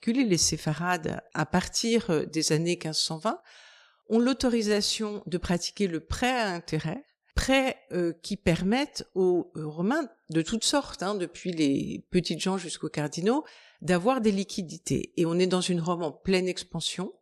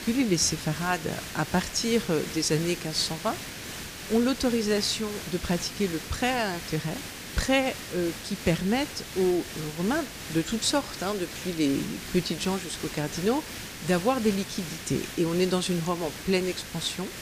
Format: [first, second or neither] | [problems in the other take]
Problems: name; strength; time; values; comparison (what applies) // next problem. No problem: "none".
first | hiss; loud; throughout; 9 dB below the speech